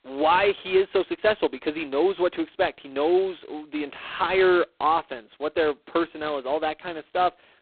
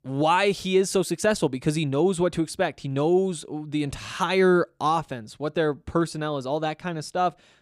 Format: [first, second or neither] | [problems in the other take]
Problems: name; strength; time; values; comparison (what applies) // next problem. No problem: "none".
second | phone-call audio; poor line; nothing above 4 kHz